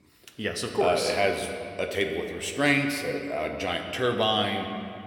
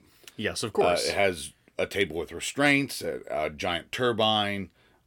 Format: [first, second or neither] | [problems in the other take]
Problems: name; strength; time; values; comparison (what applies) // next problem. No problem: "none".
second | room echo; slight; dies away in 1.9 s